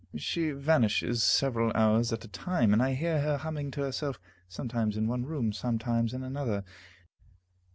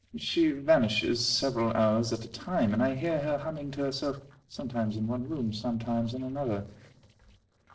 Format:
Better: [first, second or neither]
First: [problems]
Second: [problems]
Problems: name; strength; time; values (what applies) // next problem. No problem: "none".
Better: first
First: none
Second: noise reduction (neural separator model SepFormer DNS4)